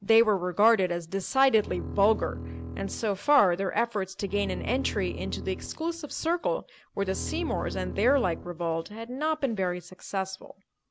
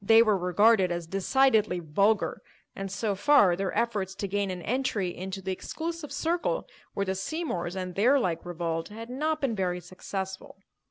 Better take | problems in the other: second | background sound (Bowed string instrument); 10 dB below the speech

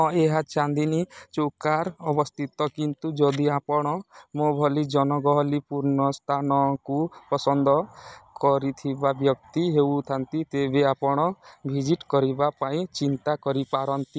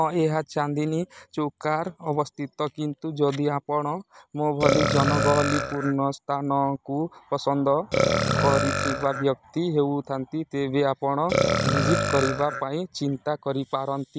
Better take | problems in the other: first | background sound (Burping, eructation); 1 dB below the speech

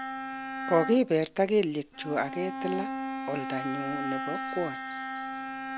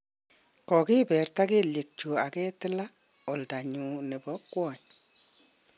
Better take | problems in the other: second | background sound (Bowed string instrument); 5 dB below the speech

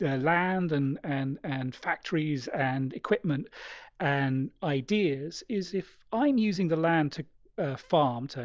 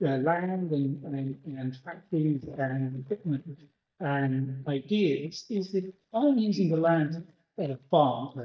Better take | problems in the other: first | noise reduction (neural mask model DeepFilterNet 3)

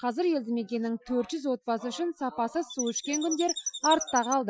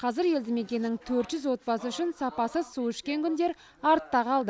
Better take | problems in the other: second | noise reduction (classical method Wiener filter)

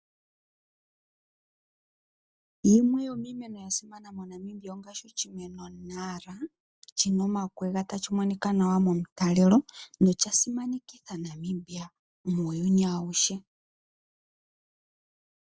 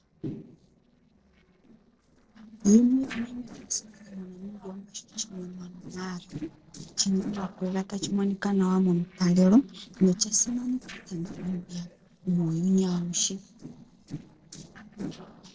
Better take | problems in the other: first | noise reduction (neural separator model SepFormer DNS4)

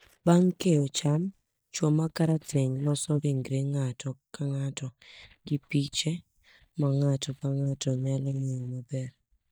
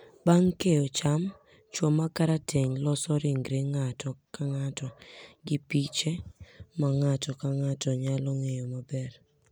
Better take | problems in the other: second | noise reduction (neural mask model DeepFilterNet 3)

